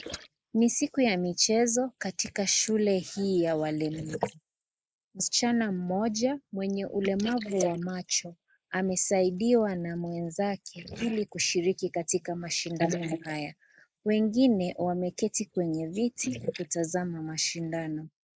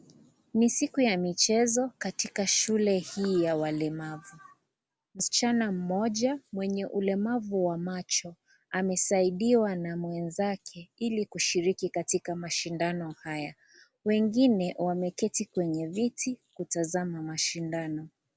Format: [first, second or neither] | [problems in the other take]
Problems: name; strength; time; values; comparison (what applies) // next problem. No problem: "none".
second | noise reduction (neural mask model Resemble Enhance denoiser)